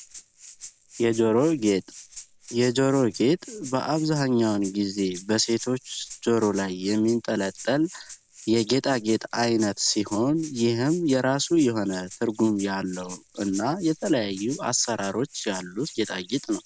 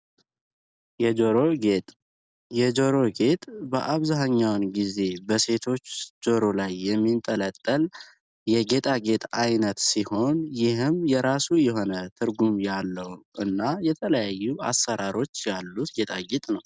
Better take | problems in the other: second | background sound (Rattle (instrument)); 19 dB below the speech

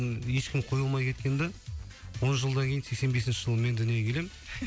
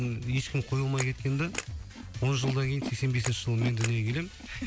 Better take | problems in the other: first | background sound (Animal + Camera); 12 dB below the speech

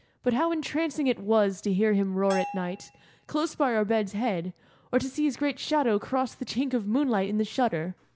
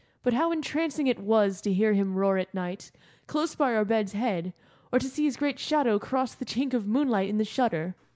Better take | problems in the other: second | background sound (Bell); 13 dB below the speech

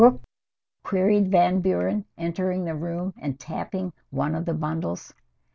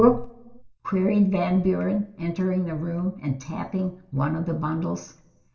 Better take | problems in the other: first | room echo; dies away in 0.5 s

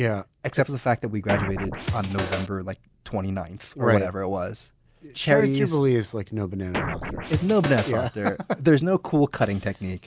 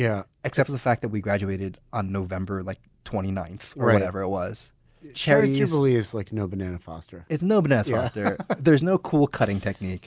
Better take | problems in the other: second | background sound (Scratching (performance technique)); 5 dB below the speech

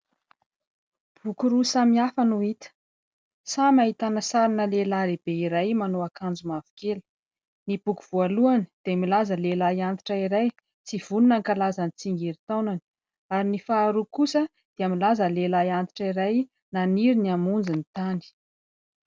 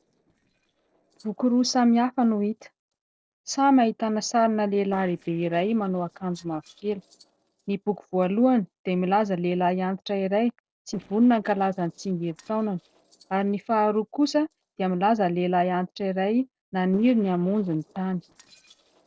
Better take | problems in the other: first | noise reduction (neural separator model SepFormer DNS4)

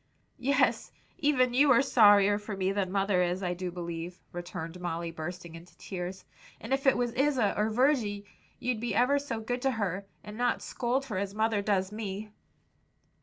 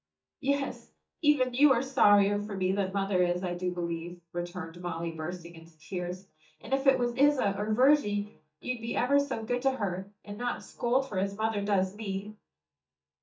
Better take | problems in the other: first | noise reduction (neural mask model DeepFilterNet 3)

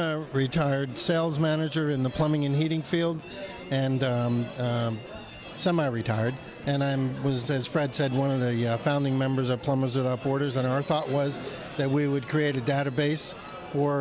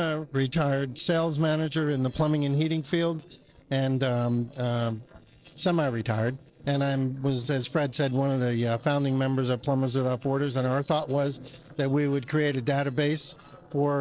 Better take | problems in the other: first | noise reduction (neural separator model SepFormer DNS4)

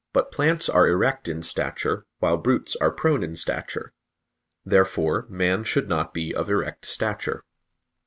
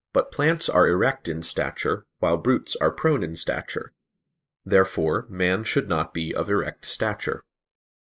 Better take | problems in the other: first | noise reduction (neural mask model Resemble Enhance denoiser)

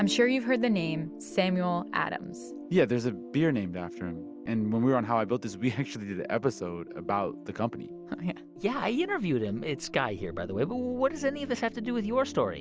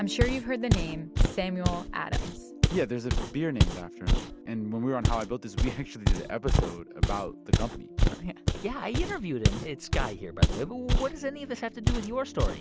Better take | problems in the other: first | background sound (Walk, footsteps); 4 dB above the speech

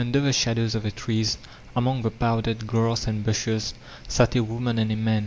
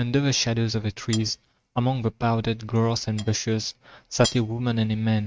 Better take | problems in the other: first | noise reduction (neural mask model RNNoise)

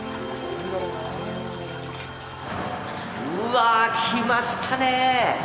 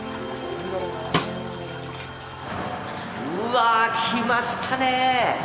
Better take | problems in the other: first | background sound (Snare drum); 5 dB below the speech

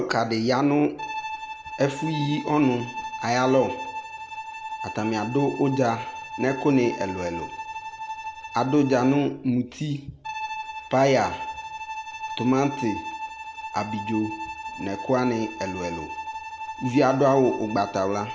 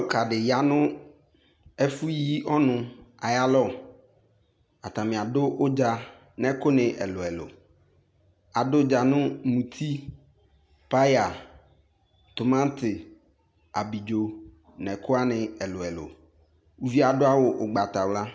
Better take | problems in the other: second | background sound (Bowed string instrument); 10 dB below the speech

